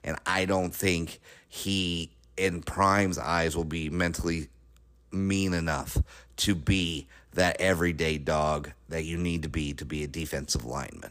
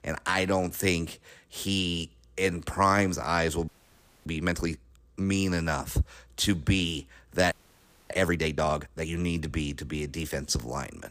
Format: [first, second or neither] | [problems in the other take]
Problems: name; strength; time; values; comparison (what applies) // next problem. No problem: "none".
first | audio freezing; at 3.5 s for 0.5 s and at 7.5 s for 0.5 s